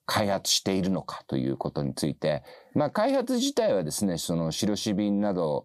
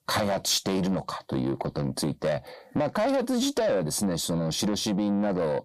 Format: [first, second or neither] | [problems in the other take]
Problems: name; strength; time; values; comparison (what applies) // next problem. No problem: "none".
first | distortion; slight; 10 dB below the speech